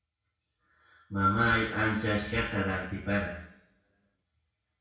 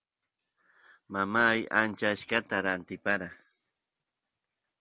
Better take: second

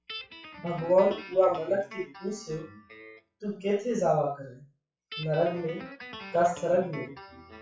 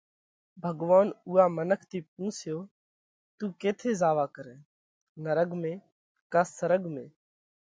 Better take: second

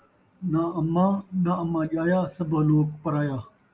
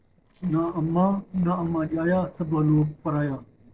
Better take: first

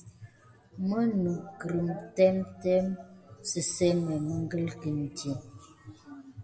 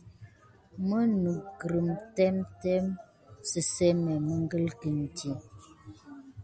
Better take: second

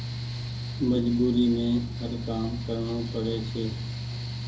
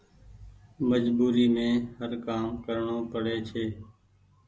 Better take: second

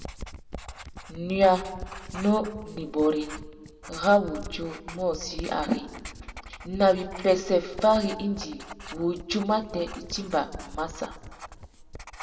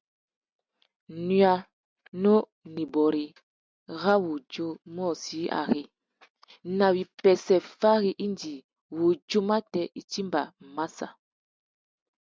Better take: second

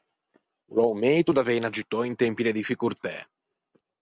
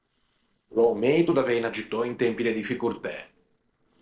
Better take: first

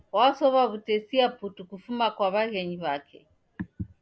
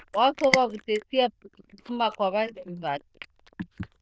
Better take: first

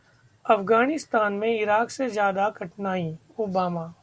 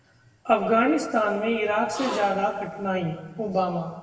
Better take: first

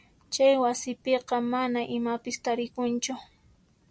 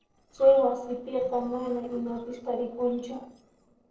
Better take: first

